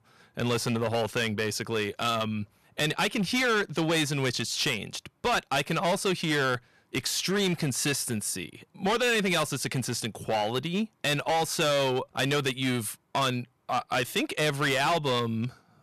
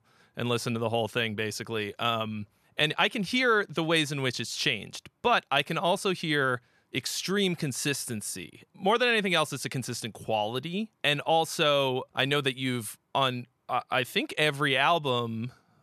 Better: second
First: distortion; heavy; 12% of the sound clipped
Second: none

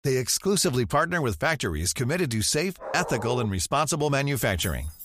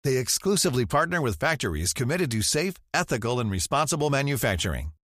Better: second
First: dog barking; noticeable; at 3 s; peak 9 dB below the speech // jangling keys; faint; at 4.5 s; peak 15 dB below the speech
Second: none

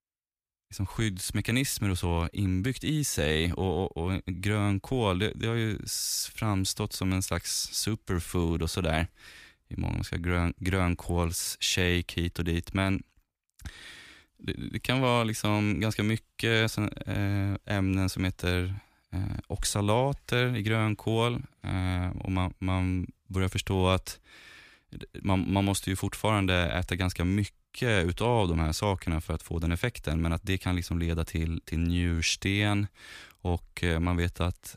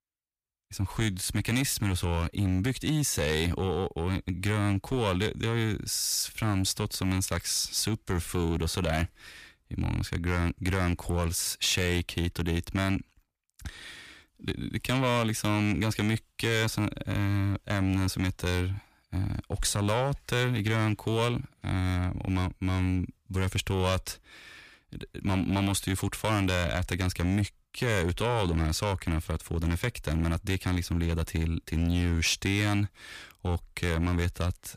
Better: first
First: none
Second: distortion; slight; 6% of the sound clipped

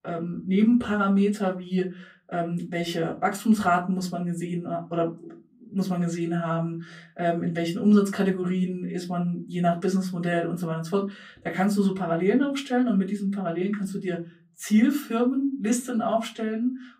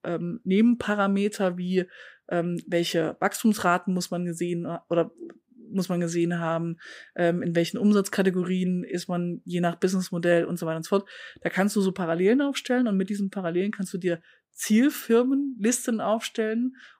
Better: second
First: off-mic speech; far // room echo; very slight; dies away in 0.4 s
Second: none

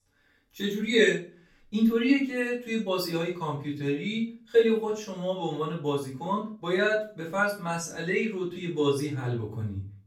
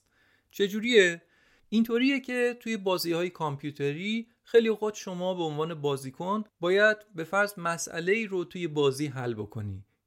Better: second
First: off-mic speech; far // room echo; slight; dies away in 0.3 s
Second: none

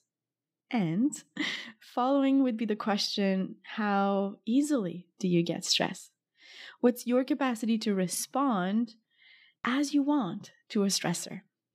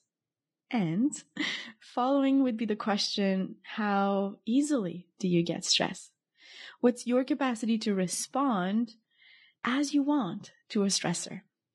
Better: first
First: none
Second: garbled, watery; slightly; nothing above 10.5 kHz

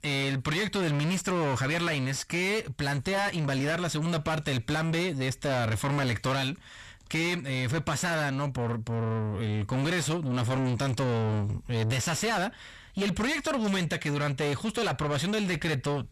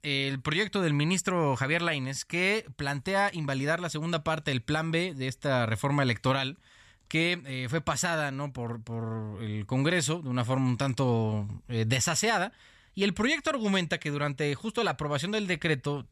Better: second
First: distortion; heavy; 6 dB below the speech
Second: none

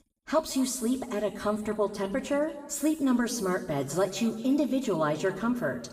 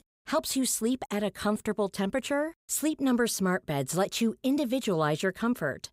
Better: second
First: room echo; noticeable; dies away in 1.2 s // off-mic speech; far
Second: none

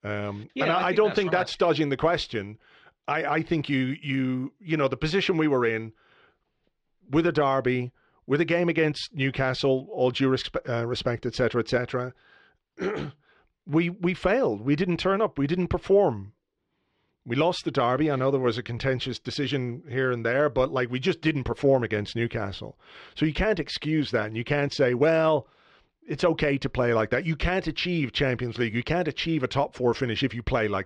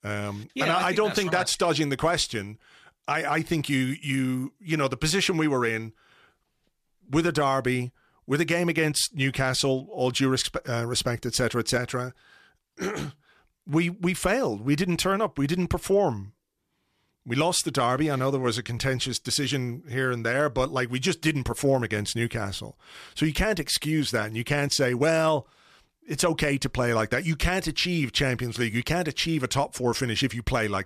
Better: second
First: muffled; slightly; fading above 4 kHz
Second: none

